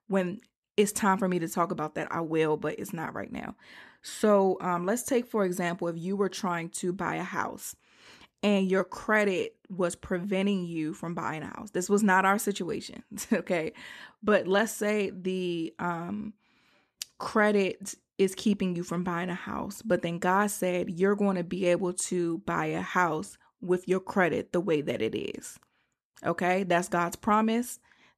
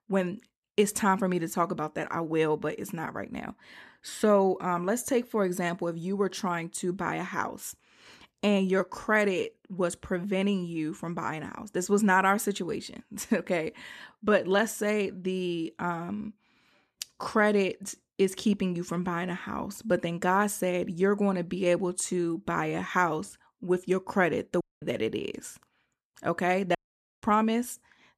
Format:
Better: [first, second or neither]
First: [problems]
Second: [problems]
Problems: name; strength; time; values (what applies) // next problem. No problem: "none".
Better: first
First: none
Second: audio cutting out; at 25 s and at 27 s